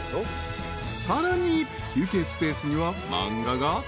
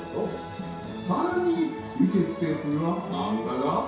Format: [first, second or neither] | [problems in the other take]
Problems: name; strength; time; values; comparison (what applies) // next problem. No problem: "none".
first | room echo; dies away in 0.7 s